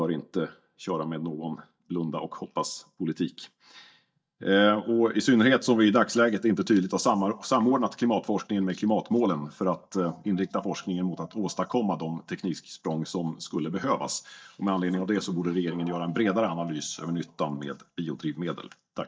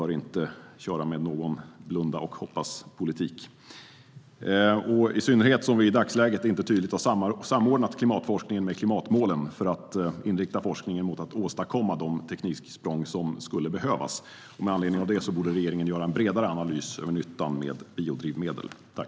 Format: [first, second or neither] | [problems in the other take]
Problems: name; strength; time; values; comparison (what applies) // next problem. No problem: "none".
second | noise reduction (neural mask model DeepFilterNet 3)